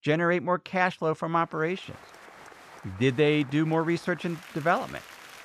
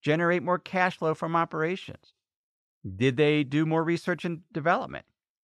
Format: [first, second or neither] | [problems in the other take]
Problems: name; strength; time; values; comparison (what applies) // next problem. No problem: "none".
second | crowd noise; faint; from 1.5 s on; 20 dB below the speech